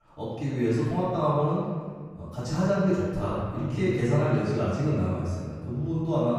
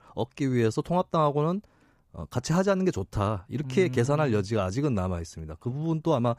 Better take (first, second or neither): second